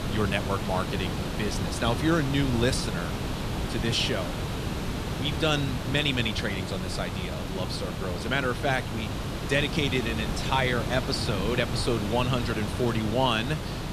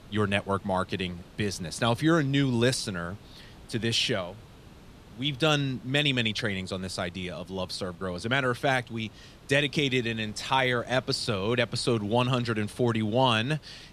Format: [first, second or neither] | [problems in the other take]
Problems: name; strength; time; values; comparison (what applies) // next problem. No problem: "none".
second | hiss; loud; throughout; 4 dB below the speech; faint in the second